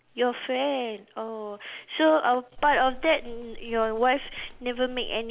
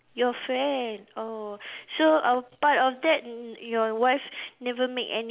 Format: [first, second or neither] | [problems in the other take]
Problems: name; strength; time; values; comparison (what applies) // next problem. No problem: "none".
second | background sound (Livestock, farm animals, working animals); 13 dB below the speech